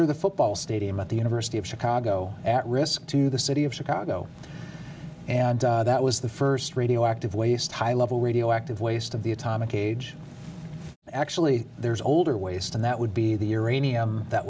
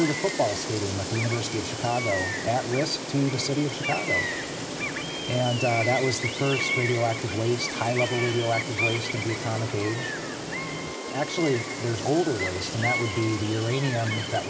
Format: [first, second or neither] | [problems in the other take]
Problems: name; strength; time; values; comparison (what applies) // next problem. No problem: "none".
first | background sound (Gull, seagull); 4 dB below the speech